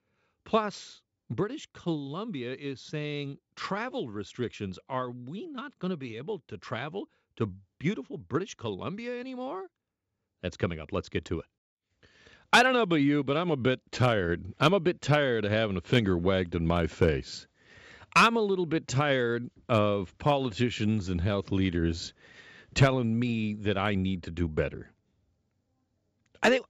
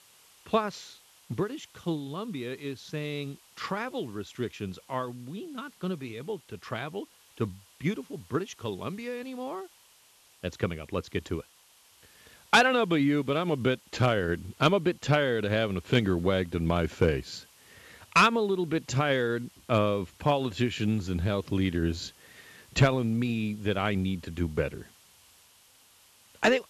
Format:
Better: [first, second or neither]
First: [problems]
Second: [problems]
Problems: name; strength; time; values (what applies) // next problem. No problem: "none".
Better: first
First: none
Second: hiss; faint; throughout; 25 dB below the speech